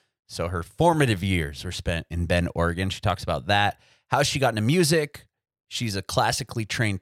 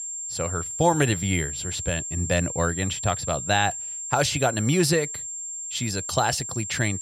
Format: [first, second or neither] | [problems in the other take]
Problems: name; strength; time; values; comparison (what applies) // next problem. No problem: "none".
first | high-pitched whine; loud; throughout; 7.5 kHz, 5 dB below the speech